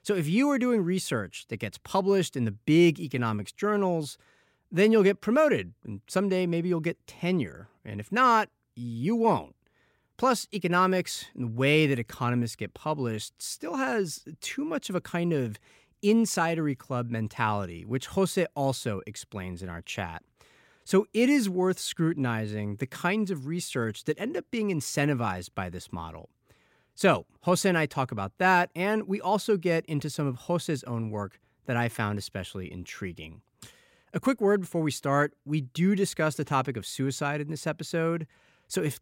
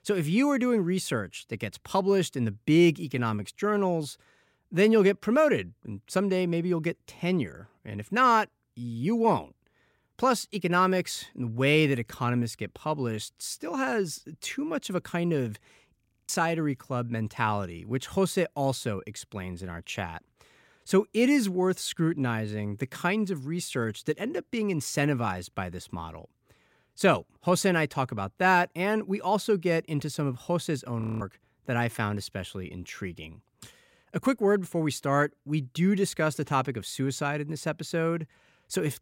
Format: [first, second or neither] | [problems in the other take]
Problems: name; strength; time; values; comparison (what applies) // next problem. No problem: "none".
first | audio freezing; at 16 s and at 31 s